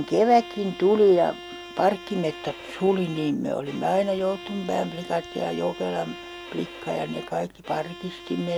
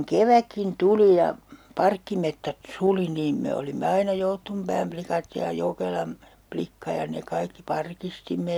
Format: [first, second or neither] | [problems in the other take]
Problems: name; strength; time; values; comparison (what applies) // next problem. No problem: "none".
second | background sound (Bowed string instrument); 15 dB below the speech